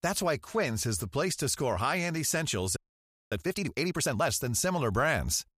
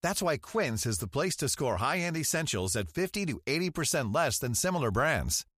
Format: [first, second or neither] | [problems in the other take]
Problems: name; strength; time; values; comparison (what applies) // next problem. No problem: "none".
second | audio freezing; at 3 s for 0.5 s